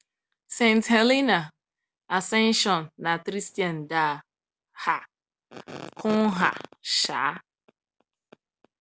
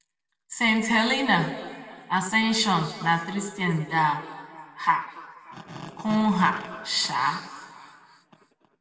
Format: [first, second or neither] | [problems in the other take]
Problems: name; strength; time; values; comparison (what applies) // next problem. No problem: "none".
first | room echo; dies away in 2.1 s